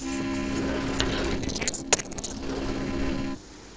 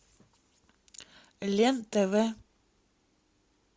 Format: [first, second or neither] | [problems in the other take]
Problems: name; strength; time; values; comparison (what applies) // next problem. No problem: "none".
second | noise reduction (neural separator model SepFormer DNS4)